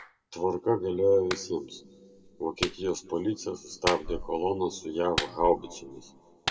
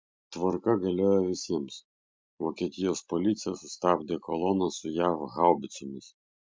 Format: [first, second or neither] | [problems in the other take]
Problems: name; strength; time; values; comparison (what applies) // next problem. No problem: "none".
second | background sound (Clapping); 10 dB below the speech // room echo; dies away in 1.6 s